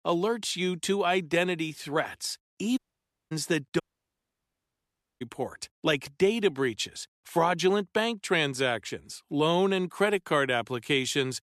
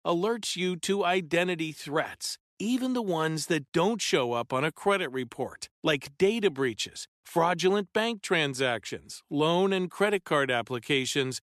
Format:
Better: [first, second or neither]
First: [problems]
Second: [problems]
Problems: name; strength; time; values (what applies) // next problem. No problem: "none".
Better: second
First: audio cutting out; at 3 s for 0.5 s and at 4 s for 1.5 s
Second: none